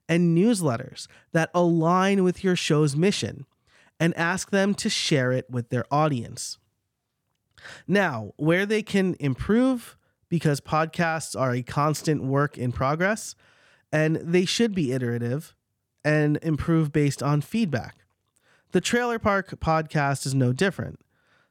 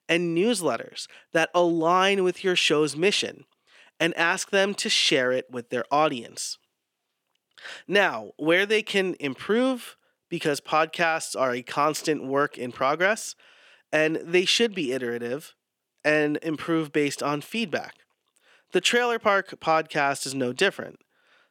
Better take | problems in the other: first | thin; somewhat; fading below 350 Hz

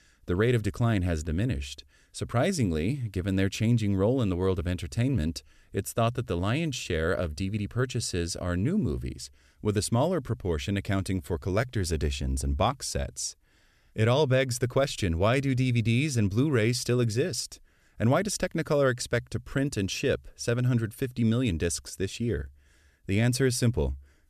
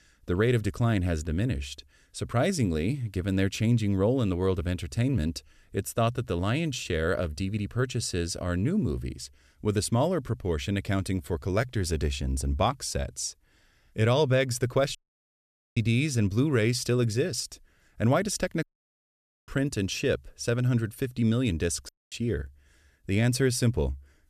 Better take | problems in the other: first | audio cutting out; at 15 s for 1 s, at 19 s for 1 s and at 22 s

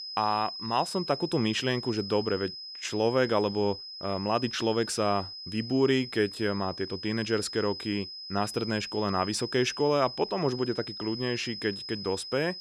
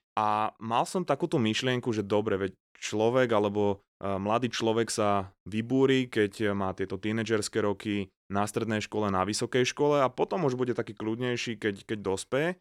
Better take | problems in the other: second | high-pitched whine; loud; throughout; 5 kHz, 8 dB below the speech

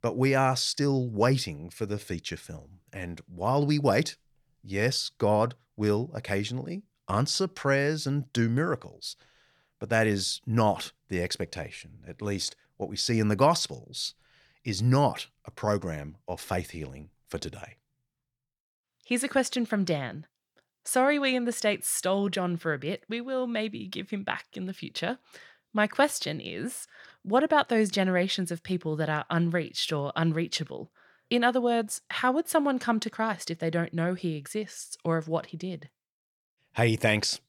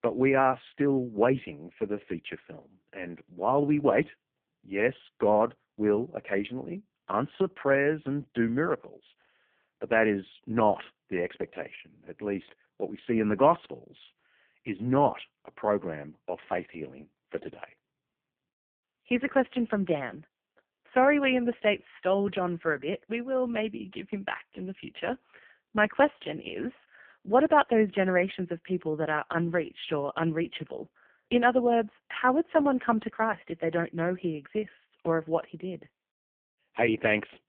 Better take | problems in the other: first | phone-call audio; poor line

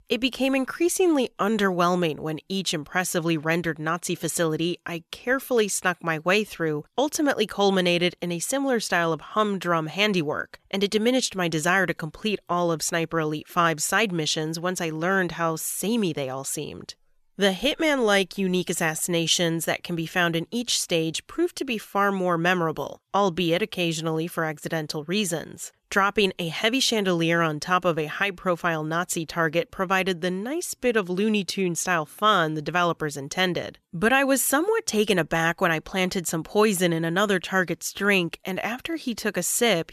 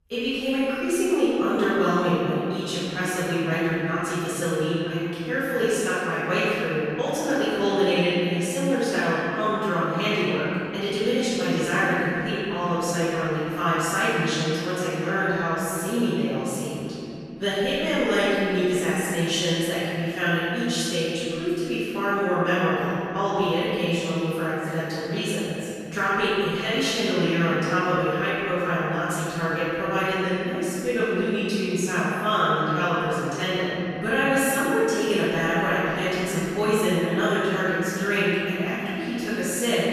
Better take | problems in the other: first | room echo; strong; dies away in 3 s // off-mic speech; far

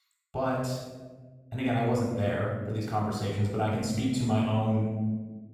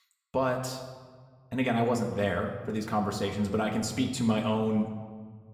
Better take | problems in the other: second | room echo; strong; dies away in 1.3 s; slight in the second // off-mic speech; far; somewhat distant in the second

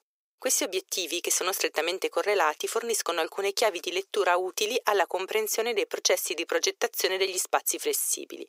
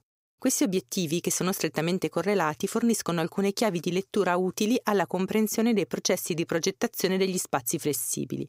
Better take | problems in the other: second | thin; very; fading below 400 Hz

